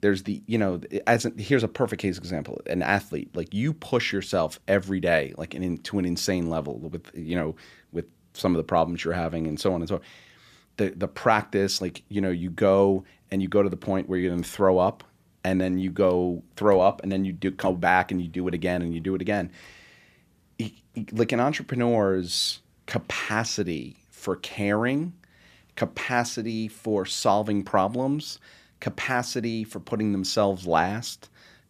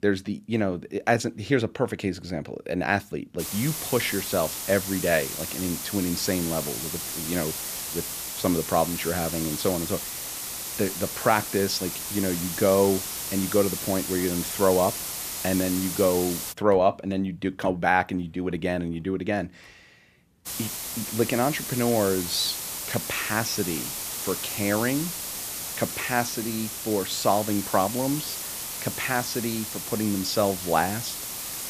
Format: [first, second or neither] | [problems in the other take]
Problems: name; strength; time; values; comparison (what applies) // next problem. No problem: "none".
first | hiss; loud; from 3.5 to 17 s and from 20 s on; 4 dB below the speech